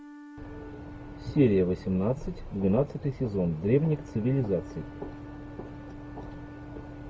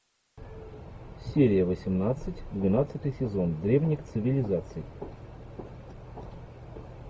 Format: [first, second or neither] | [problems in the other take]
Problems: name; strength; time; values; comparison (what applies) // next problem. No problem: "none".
second | background sound (Wind instrument, woodwind instrument); 18 dB below the speech